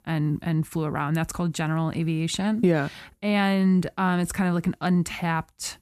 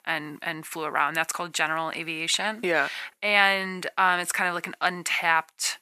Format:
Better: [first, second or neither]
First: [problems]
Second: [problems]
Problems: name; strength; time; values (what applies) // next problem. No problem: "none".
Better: first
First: none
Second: thin; very; fading below 650 Hz